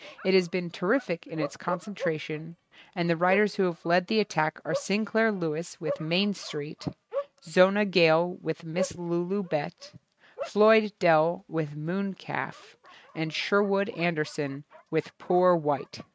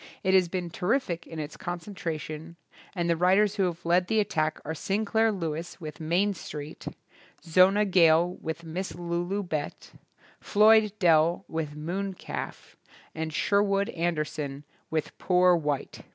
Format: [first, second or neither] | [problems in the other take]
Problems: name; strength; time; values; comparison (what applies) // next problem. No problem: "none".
second | noise reduction (neural mask model RNNoise)